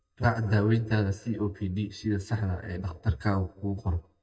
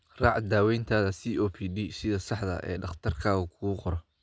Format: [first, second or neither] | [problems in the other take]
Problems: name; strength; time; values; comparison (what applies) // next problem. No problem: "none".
second | noise reduction (neural mask model DeepFilterNet 3)